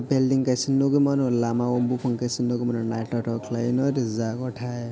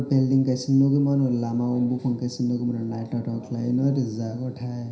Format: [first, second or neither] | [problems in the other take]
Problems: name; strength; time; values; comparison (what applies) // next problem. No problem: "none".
first | room echo; dies away in 0.5 s